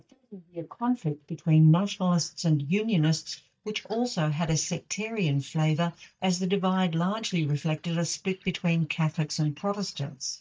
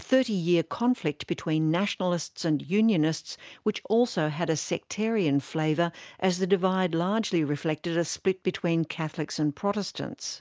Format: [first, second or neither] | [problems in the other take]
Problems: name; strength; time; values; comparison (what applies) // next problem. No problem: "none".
second | noise reduction (neural mask model DeepFilterNet 3)